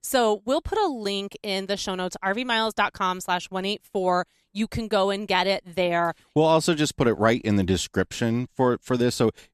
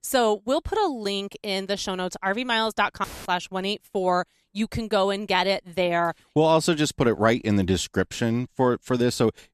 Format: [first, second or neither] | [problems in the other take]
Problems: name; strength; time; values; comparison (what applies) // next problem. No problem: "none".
first | audio cutting out; filled with static; at 3 s